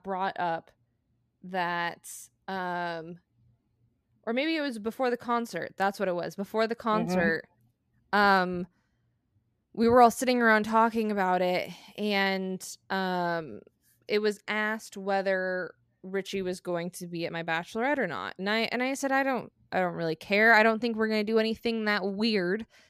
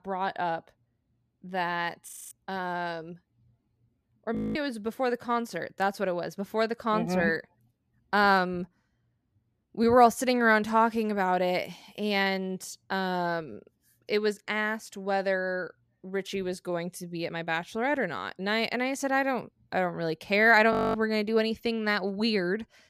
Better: first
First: none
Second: audio freezing; at 2 s, at 4.5 s and at 21 s

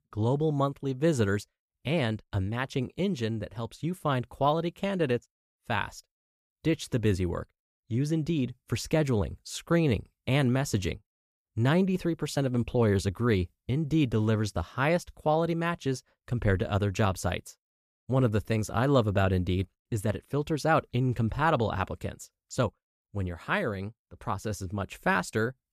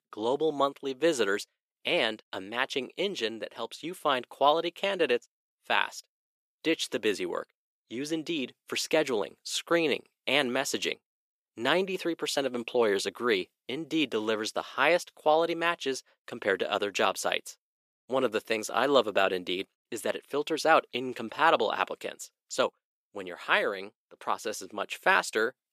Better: first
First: none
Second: thin; very; fading below 350 Hz

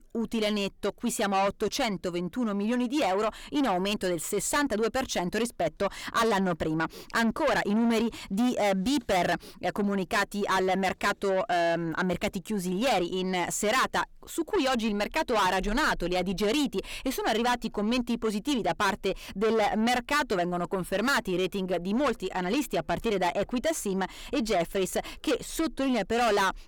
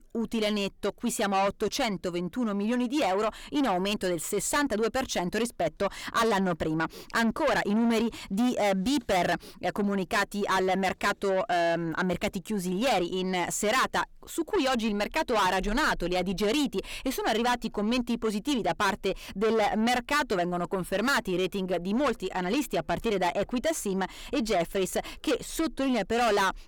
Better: neither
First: distortion; heavy; 6 dB below the speech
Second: distortion; heavy; 6 dB below the speech

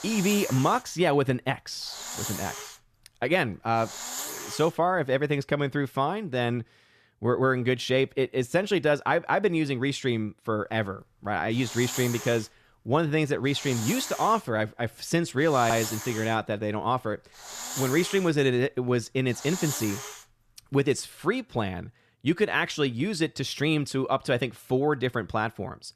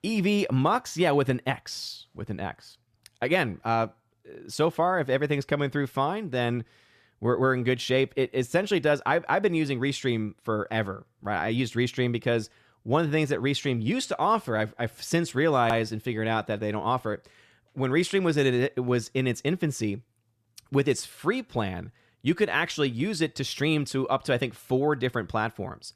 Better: second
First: hiss; loud; until 5 s and from 11 to 21 s; 9 dB below the speech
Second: none

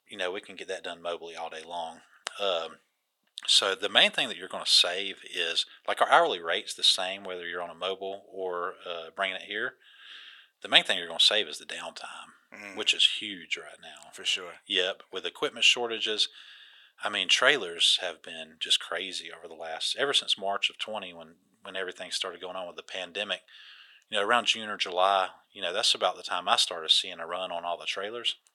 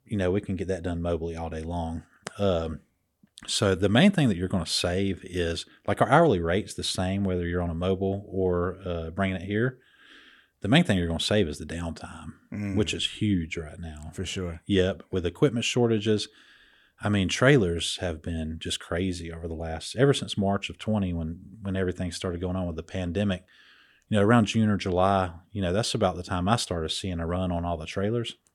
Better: second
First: thin; very; fading below 800 Hz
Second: none

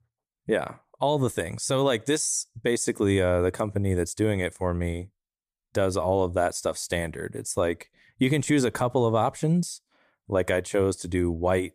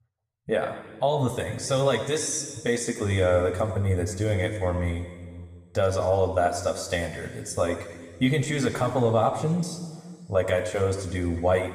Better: first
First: none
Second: room echo; noticeable; dies away in 1.9 s

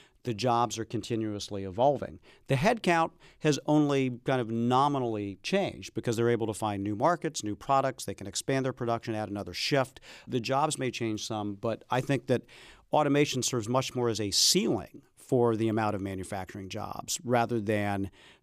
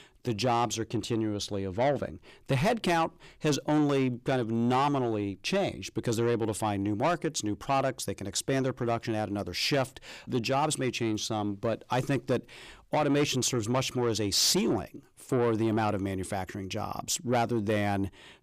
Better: first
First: none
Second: distortion; slight; 10 dB below the speech

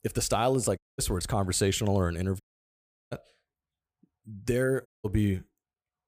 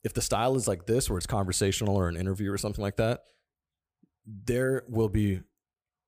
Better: second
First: audio cutting out; at 1 s, at 2.5 s for 0.5 s and at 5 s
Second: none

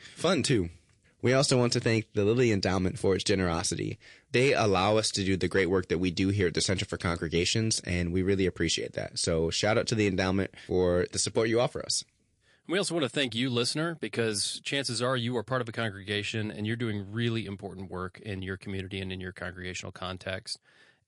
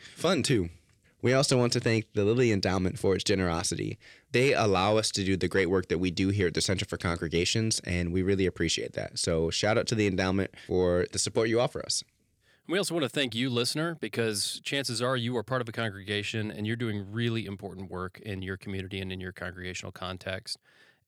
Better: second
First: garbled, watery; slightly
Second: none

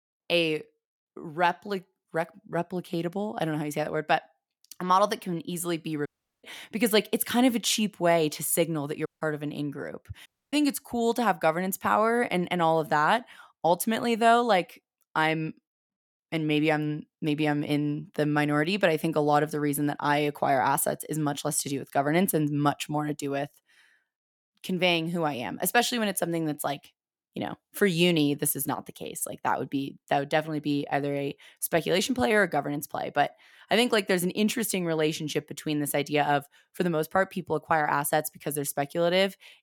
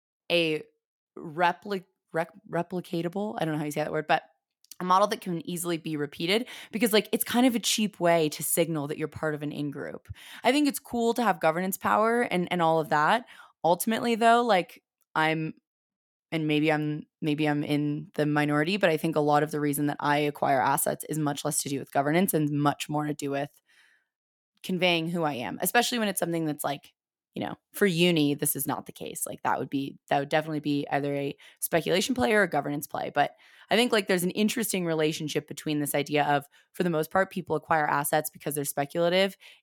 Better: second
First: audio cutting out; at 6 s, at 9 s and at 10 s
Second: none

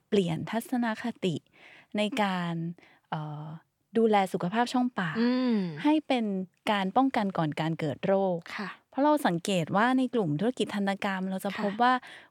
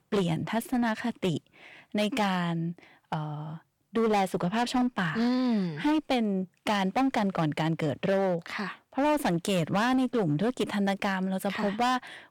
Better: first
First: none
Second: distortion; slight; 12% of the sound clipped

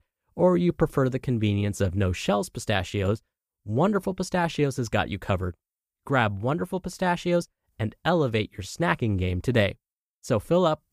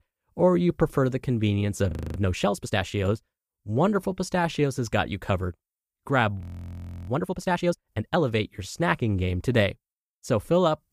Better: first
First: none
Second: audio freezing; at 2 s and at 6.5 s for 0.5 s

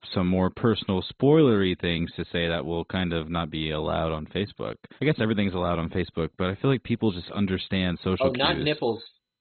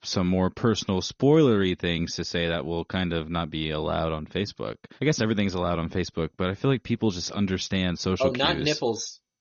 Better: second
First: garbled, watery; badly; nothing above 4 kHz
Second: garbled, watery; slightly; nothing above 6.5 kHz

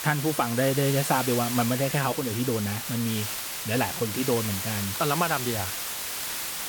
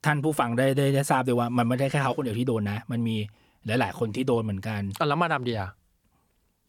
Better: second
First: hiss; loud; throughout; 3 dB below the speech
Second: none

